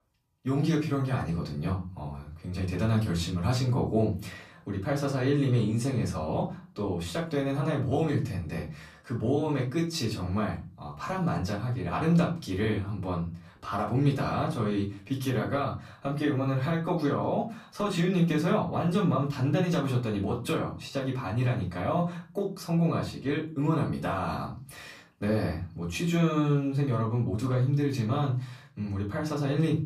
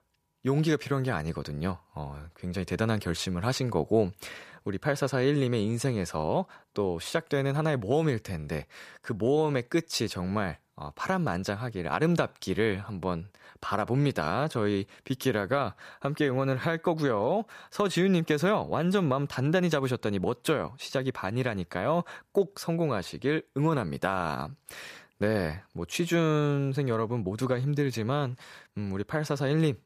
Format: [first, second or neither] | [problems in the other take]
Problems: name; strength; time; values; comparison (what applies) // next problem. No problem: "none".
second | off-mic speech; far // room echo; slight; dies away in 0.3 s